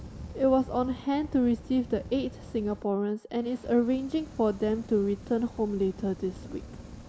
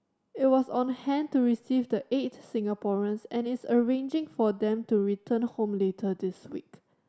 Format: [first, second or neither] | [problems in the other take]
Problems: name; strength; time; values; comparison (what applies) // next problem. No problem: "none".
second | background sound (Fire); 15 dB below the speech